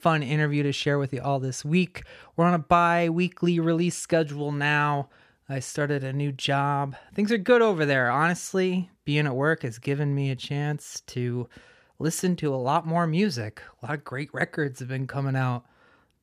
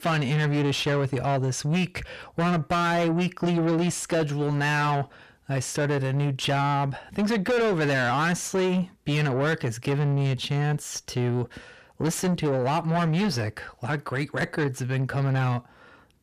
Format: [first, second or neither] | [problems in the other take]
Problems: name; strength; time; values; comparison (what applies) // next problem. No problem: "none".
first | distortion; heavy; 7 dB below the speech